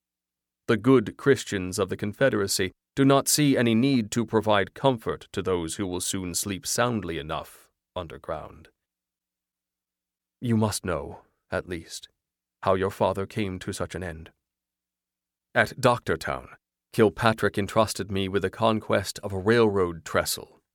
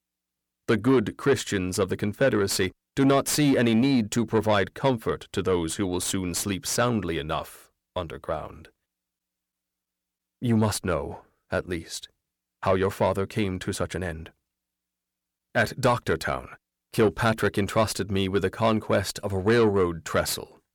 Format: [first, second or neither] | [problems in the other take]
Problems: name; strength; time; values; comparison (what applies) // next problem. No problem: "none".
first | distortion; slight; 10 dB below the speech